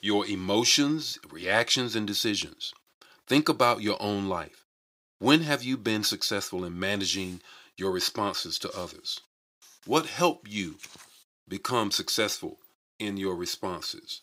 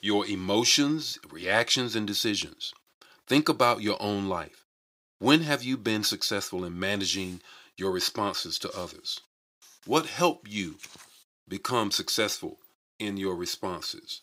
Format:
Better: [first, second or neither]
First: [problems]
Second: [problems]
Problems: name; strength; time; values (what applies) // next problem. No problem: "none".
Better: neither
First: thin; very slightly; fading below 600 Hz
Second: thin; very slightly; fading below 600 Hz